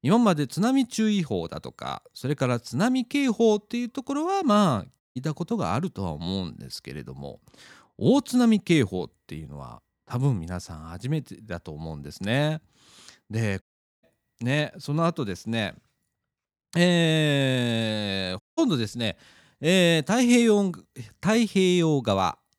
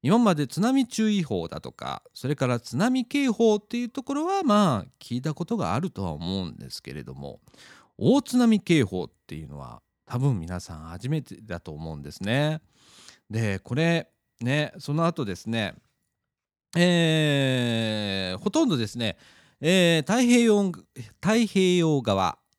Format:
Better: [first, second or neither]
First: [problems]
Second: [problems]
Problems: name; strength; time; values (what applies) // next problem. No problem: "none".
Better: second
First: audio cutting out; at 5 s, at 14 s and at 18 s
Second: none